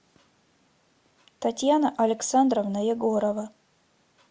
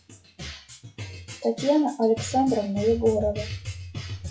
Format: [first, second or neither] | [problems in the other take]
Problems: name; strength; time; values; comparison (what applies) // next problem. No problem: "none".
first | noise reduction (classical method WPE with log-MMSE)